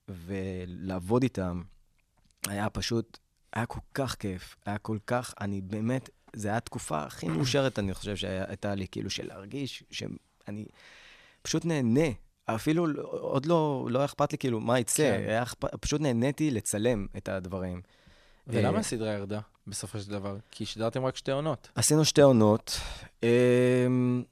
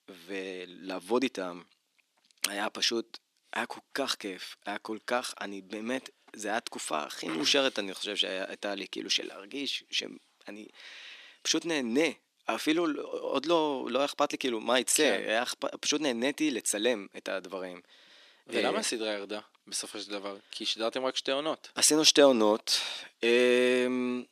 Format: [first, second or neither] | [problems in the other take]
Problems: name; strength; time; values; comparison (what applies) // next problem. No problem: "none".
first | thin; very slightly; fading below 300 Hz